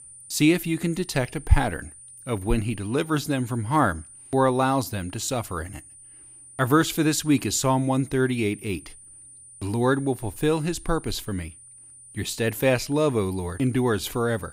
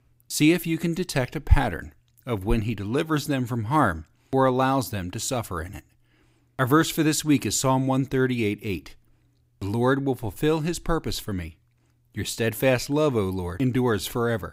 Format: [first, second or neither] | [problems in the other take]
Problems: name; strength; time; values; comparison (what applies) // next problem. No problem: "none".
second | high-pitched whine; noticeable; throughout; 9.5 kHz, 20 dB below the speech